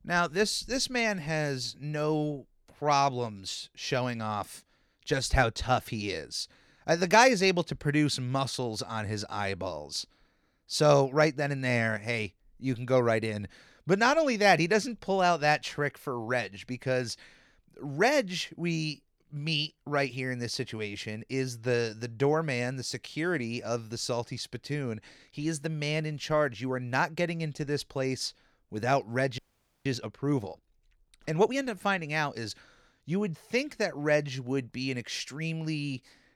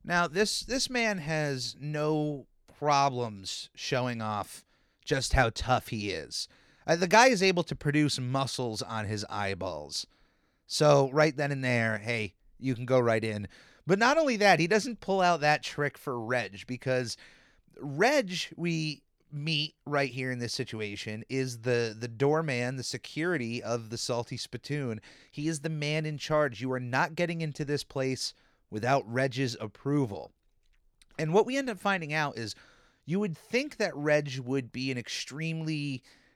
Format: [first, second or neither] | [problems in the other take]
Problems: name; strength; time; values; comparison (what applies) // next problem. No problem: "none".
second | audio freezing; at 29 s